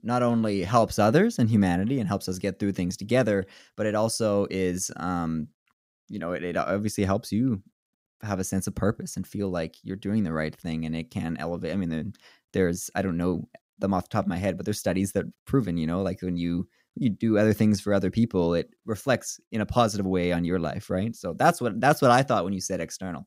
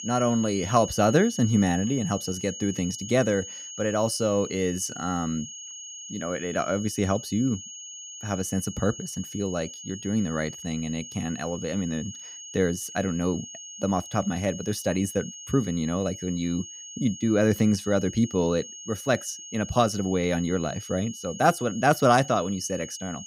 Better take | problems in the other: first | high-pitched whine; noticeable; throughout; 6.5 kHz, 10 dB below the speech

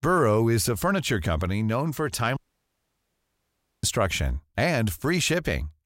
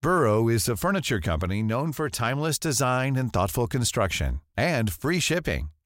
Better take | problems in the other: second | audio cutting out; at 2.5 s for 1.5 s

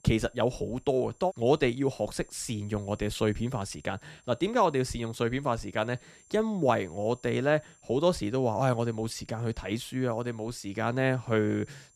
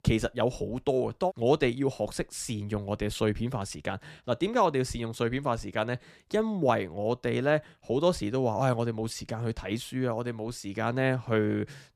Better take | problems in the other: second | high-pitched whine; faint; throughout; 7.5 kHz, 30 dB below the speech

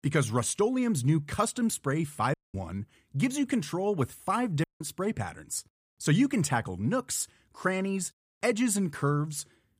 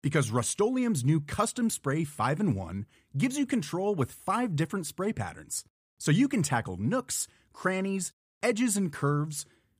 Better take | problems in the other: second | audio cutting out; at 2.5 s and at 4.5 s

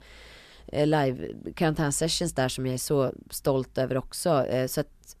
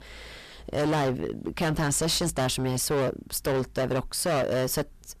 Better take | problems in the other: first | distortion; heavy; 20% of the sound clipped

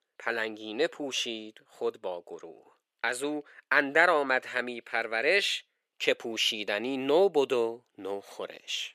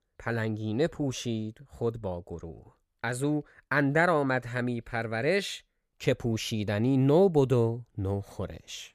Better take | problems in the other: second | thin; somewhat; fading below 350 Hz

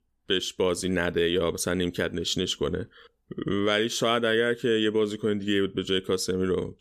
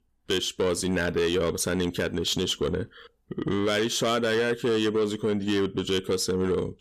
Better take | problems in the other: first | distortion; slight; 10 dB below the speech

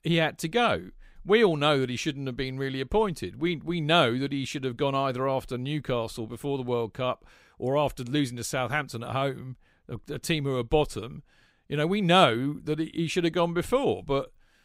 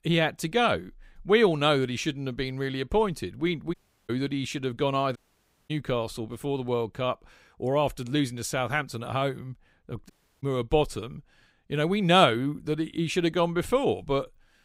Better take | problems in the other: first | audio cutting out; at 3.5 s, at 5 s for 0.5 s and at 10 s

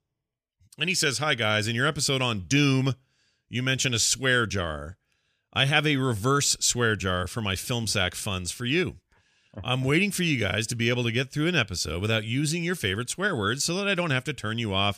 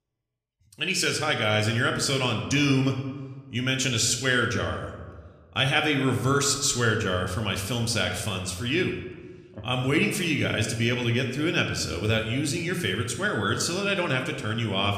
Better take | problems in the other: first | room echo; slight; dies away in 1 s

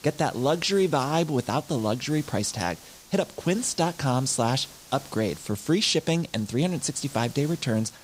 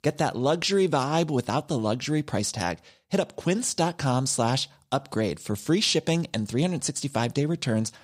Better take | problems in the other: second | hiss; noticeable; throughout; 20 dB below the speech

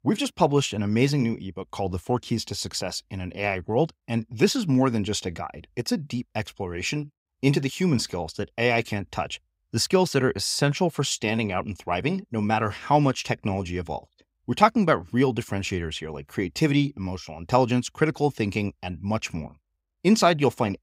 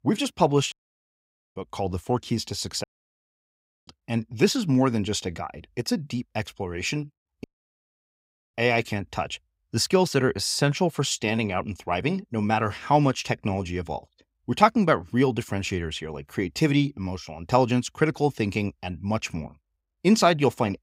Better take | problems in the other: first | audio cutting out; at 0.5 s for 1 s, at 3 s for 1 s and at 7.5 s for 1 s

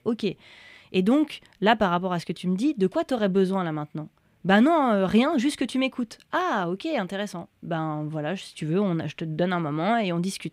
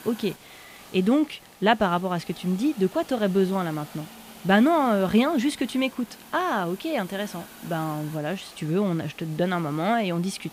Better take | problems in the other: first | hiss; noticeable; throughout; 20 dB below the speech

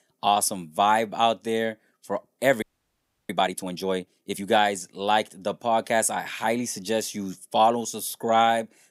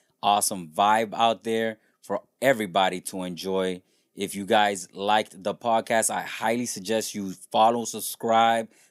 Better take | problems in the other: second | audio freezing; at 2.5 s for 0.5 s

